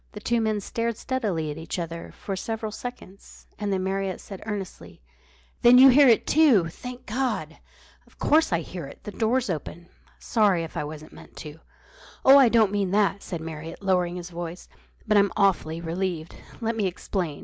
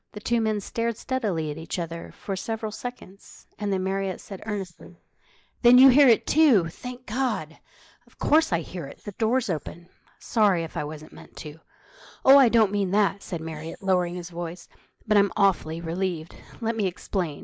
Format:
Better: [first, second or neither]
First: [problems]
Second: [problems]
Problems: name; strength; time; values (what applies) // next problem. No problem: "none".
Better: first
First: none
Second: noise reduction (neural mask model Resemble Enhance denoiser)